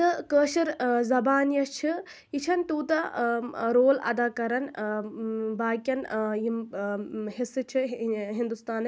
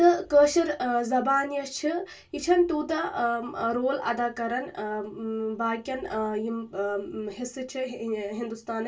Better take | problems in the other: first | room echo; dies away in 0.1 s

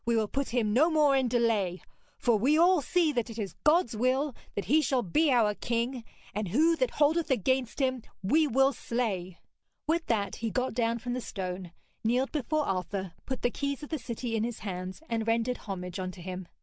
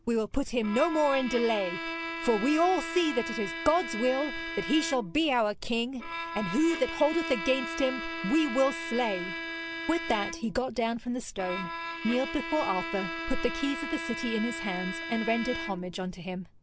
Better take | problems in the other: first | background sound (Bowed string instrument); 7 dB below the speech

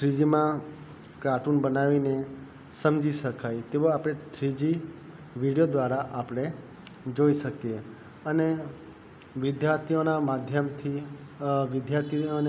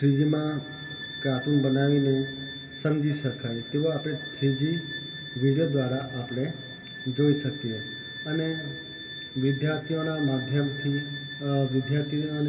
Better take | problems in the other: first | background sound (Bowed string instrument); 12 dB below the speech // room echo; dies away in 2.3 s

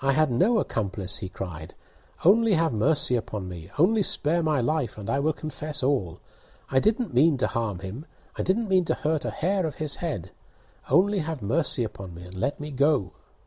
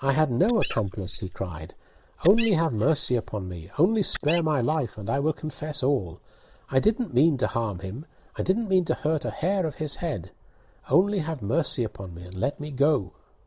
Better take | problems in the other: first | noise reduction (neural mask model Resemble Enhance denoiser)

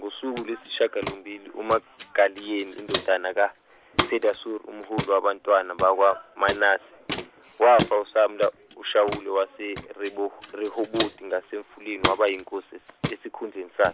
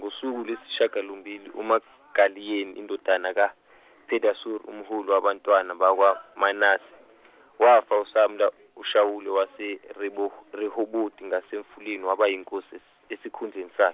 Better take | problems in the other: second | background sound (Walk, footsteps); 10 dB below the speech

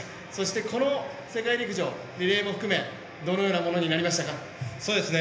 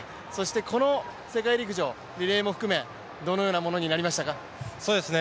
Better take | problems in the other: second | room echo; dies away in 0.8 s

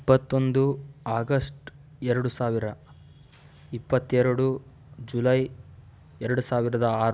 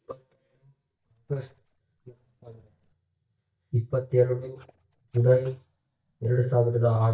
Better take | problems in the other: first | noise reduction (neural mask model DeepFilterNet 3)

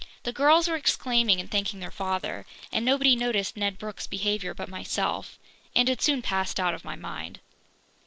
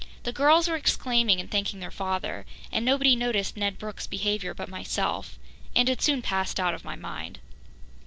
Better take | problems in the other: second | noise reduction (neural mask model Resemble Enhance denoiser)

